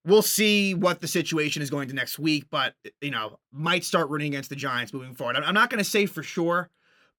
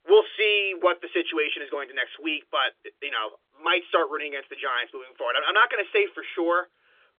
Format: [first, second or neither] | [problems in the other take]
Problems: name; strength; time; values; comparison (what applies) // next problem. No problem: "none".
first | phone-call audio; nothing above 3.5 kHz